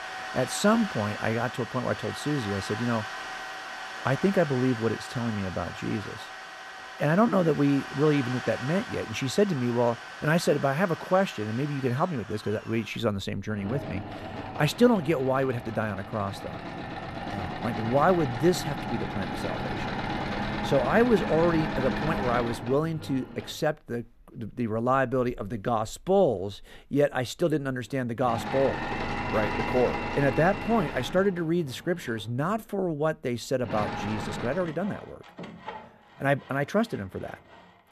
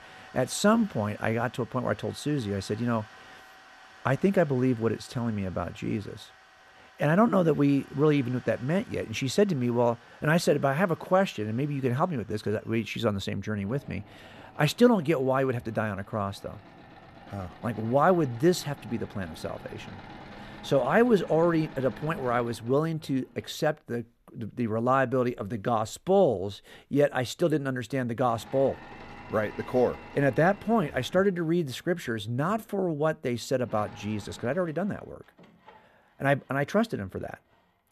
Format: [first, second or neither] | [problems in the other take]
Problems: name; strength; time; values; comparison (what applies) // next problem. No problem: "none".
second | machinery noise; loud; throughout; 8 dB below the speech; faint in the second